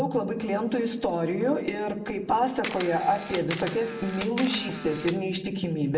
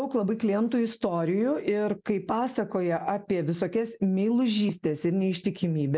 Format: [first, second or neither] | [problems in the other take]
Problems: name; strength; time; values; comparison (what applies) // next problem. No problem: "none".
second | background sound (Camera); 11 dB below the speech // room echo; dies away in 1 s